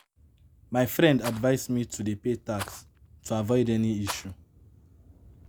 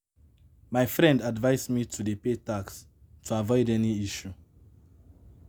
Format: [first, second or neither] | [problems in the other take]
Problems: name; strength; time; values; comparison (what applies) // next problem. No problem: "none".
second | background sound (Rattle); 18 dB below the speech